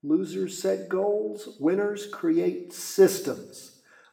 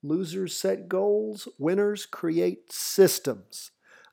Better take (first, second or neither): second